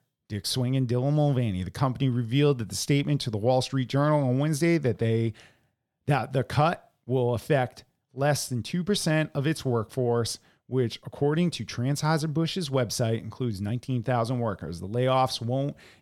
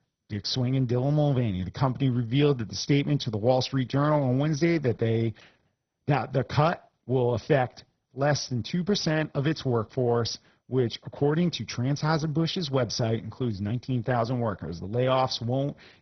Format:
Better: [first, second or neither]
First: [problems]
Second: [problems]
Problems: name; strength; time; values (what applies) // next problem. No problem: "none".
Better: first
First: none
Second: garbled, watery; badly; nothing above 6 kHz